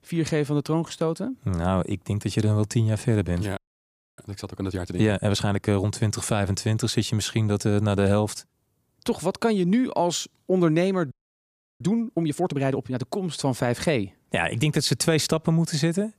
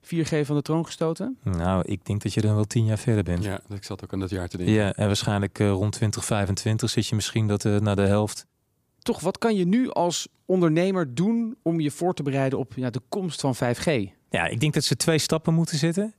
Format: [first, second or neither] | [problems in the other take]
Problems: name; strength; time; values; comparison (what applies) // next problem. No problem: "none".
second | audio freezing; at 3.5 s for 0.5 s and at 11 s for 0.5 s